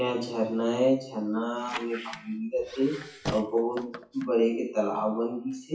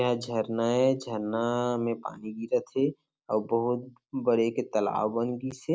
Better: second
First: noise reduction (classical method WPE with log-MMSE)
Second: none

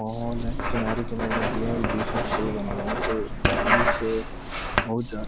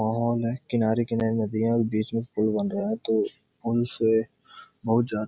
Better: second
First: background sound (Writing); 4 dB above the speech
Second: none

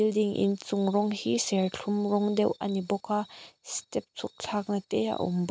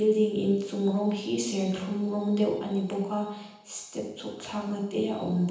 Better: first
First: none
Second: room echo; dies away in 0.9 s

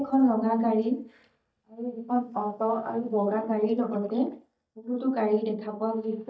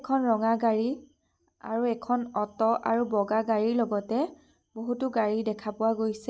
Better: second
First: noise reduction (neural mask model DeepFilterNet 3)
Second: none

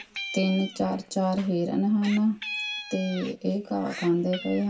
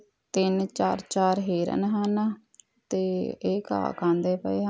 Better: second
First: background sound (Meow); 12 dB below the speech // room echo; dies away in 0.2 s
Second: none

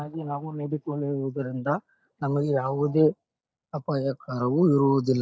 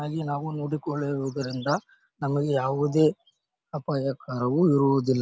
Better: second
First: noise reduction (neural mask model DeepFilterNet 3)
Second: none

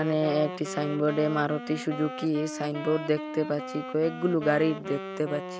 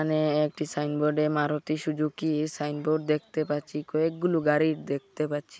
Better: second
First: background sound (Wind instrument, woodwind instrument); 10 dB below the speech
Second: none

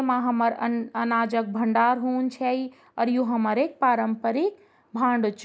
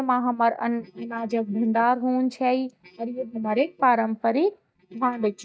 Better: first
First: none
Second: noise reduction (neural mask model DeepFilterNet 3)

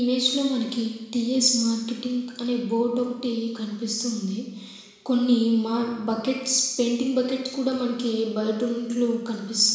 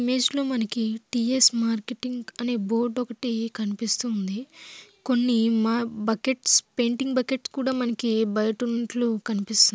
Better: second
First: room echo; dies away in 1 s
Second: none

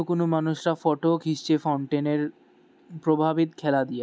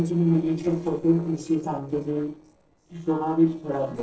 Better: first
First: none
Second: noise reduction (neural separator model SepFormer DNS4)

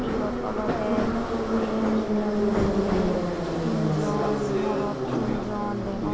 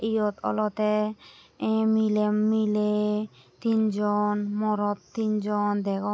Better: second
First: background sound (Subway, metro, underground); 4 dB above the speech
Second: none

